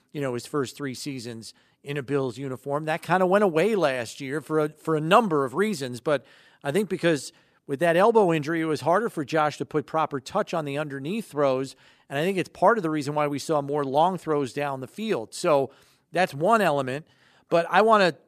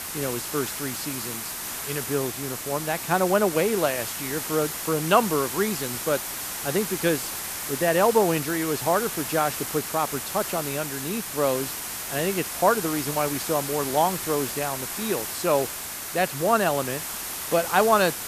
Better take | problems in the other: first | hiss; loud; throughout; 4 dB below the speech

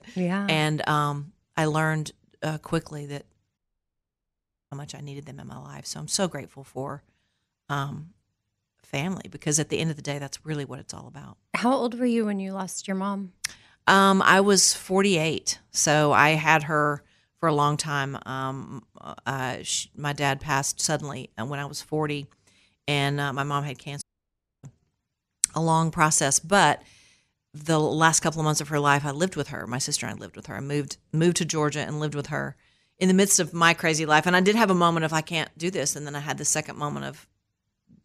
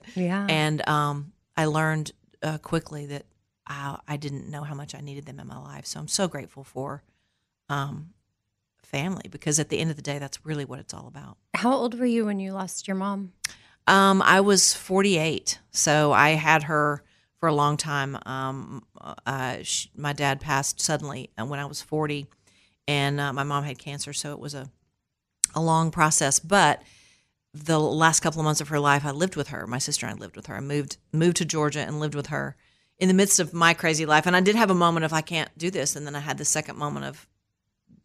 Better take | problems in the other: second | audio cutting out; at 3.5 s for 1 s and at 24 s for 0.5 s

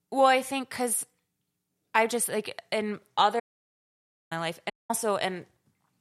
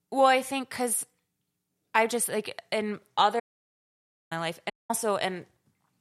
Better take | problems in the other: neither | audio cutting out; at 3.5 s for 1 s and at 4.5 s; the same in both

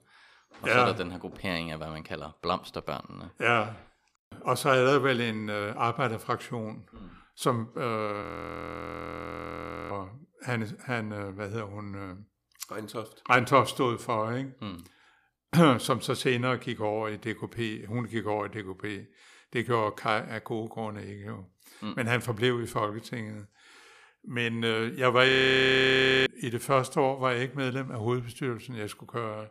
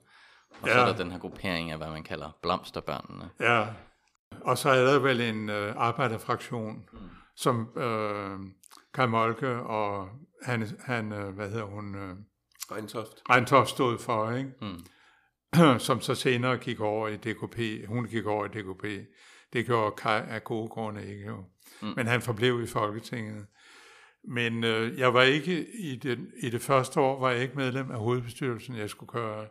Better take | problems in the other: second | audio freezing; at 8 s for 1.5 s and at 25 s for 1 s

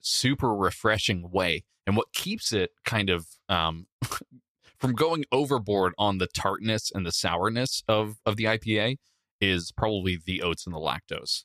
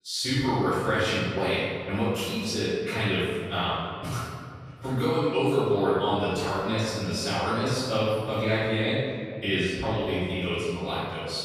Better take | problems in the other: first | off-mic speech; far // room echo; strong; dies away in 2.1 s

